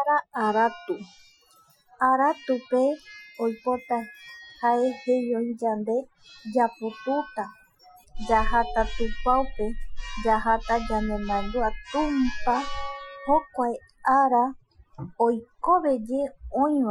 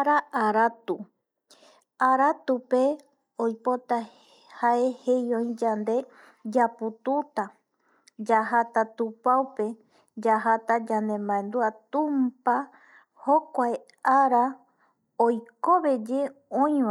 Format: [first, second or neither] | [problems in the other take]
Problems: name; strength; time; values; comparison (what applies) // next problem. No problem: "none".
second | noise reduction (classical method Wiener filter)